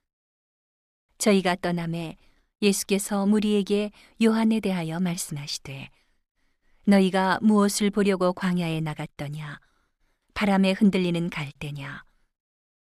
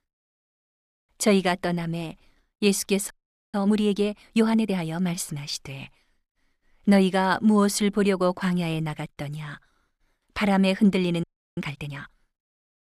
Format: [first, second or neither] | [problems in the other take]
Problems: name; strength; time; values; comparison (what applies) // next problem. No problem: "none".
first | audio freezing; at 3 s and at 11 s